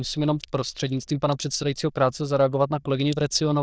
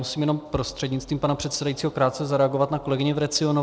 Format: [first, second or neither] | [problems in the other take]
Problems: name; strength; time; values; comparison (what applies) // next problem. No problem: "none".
second | noise reduction (neural diffusion model UNIVERSE++)